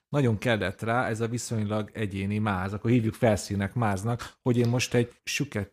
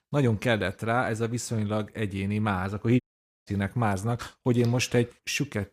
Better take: first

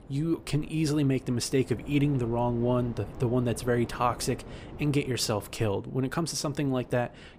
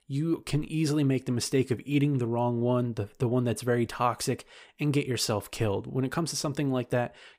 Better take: second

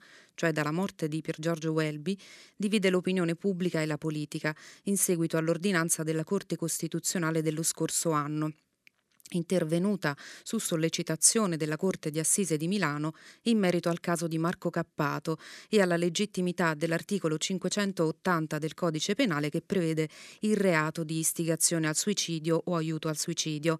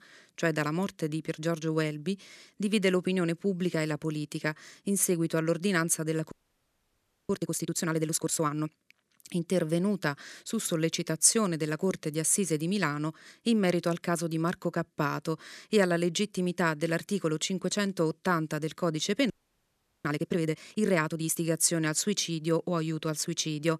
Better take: first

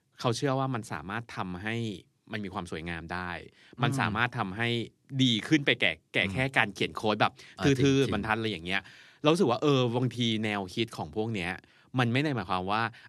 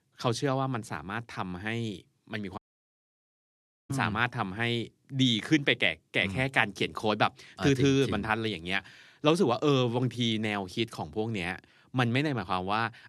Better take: first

